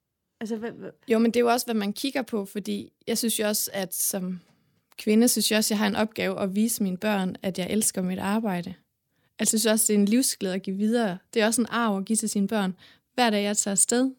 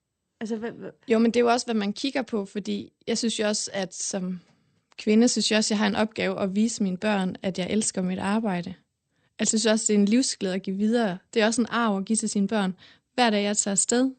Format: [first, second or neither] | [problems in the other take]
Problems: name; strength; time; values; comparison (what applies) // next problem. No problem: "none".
first | garbled, watery; slightly; nothing above 8.5 kHz